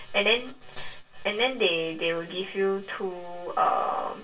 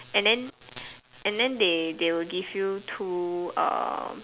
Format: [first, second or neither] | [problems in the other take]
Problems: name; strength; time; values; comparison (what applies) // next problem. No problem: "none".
second | room echo; dies away in 0.2 s